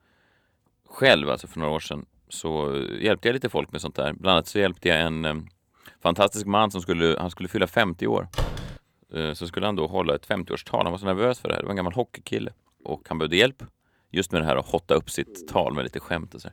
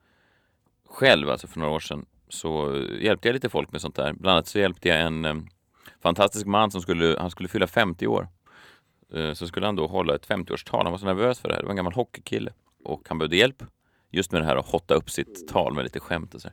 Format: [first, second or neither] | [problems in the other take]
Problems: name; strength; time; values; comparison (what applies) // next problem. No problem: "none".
second | door banging; noticeable; at 8.5 s; peak 6 dB below the speech